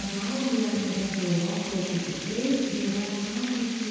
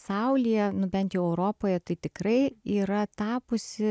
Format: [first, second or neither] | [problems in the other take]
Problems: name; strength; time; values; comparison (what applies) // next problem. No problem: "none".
second | background sound (Water); 9 dB below the speech // room echo; dies away in 2 s